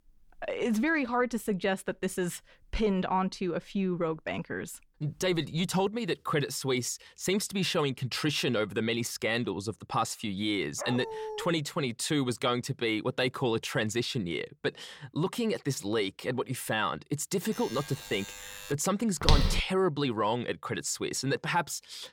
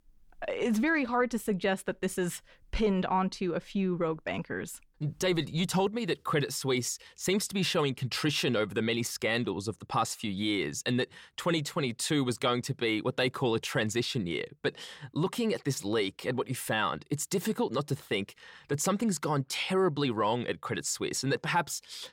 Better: second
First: dog barking; noticeable; at 11 s; peak 7 dB below the speech // alarm; faint; from 18 to 19 s; peak 10 dB below the speech // footsteps; loud; at 19 s; peak 4 dB above the speech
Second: none

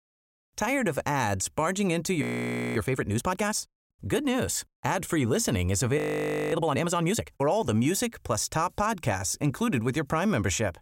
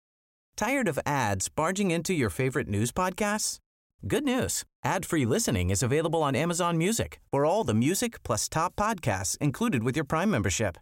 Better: second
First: audio freezing; at 2 s for 0.5 s and at 6 s for 0.5 s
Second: none

